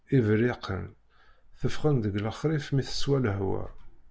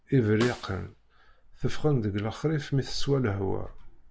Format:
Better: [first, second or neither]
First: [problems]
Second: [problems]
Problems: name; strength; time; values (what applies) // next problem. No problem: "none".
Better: first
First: none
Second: background sound (Snare drum); 14 dB below the speech